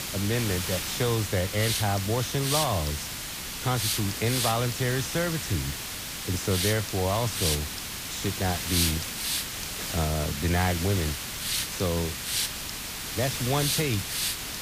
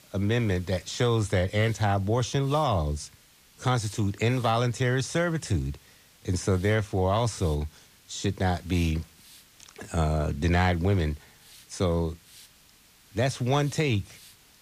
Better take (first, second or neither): second